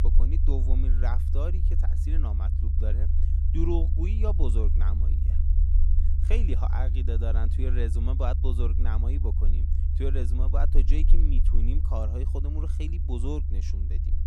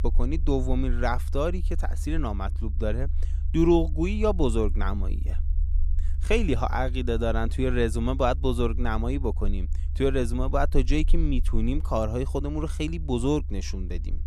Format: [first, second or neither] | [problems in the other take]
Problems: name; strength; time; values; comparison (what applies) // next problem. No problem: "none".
second | low rumble; loud; throughout; 6 dB below the speech; faint in the second